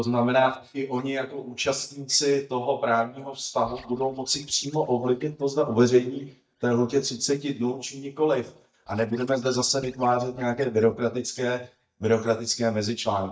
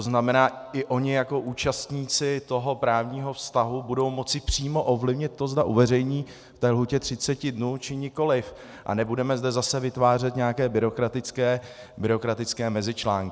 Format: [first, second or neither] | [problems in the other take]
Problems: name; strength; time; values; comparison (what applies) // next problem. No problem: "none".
second | noise reduction (neural mask model DeepFilterNet 3)